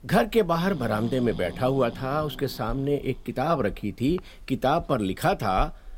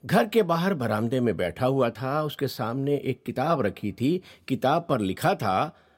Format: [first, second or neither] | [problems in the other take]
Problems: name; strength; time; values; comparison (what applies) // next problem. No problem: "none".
second | hiss; noticeable; throughout; 15 dB below the speech